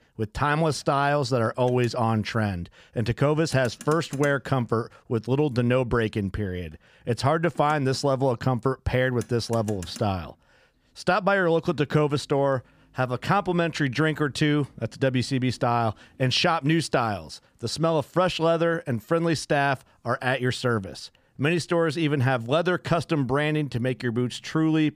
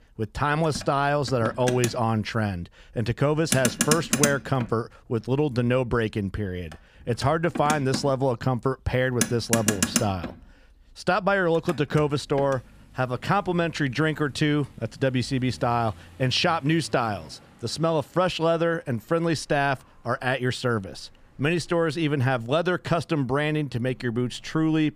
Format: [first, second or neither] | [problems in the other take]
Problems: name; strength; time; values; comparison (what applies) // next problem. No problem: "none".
first | traffic noise; loud; throughout; 4 dB below the speech; faint in the first